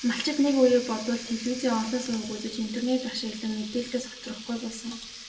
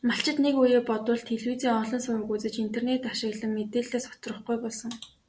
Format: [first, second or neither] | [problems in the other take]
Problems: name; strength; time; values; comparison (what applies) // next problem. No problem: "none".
second | background sound (Water tap, faucet); 13 dB below the speech // room echo; dies away in 1 s